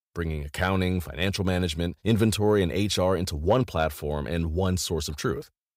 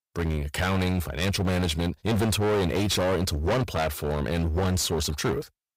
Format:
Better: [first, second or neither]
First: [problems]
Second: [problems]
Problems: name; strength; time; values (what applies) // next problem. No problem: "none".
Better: first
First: none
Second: distortion; heavy; 26% of the sound clipped